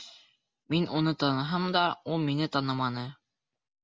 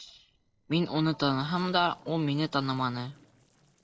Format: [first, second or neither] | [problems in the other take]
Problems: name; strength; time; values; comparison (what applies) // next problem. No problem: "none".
first | noise reduction (neural separator model SepFormer DNS4)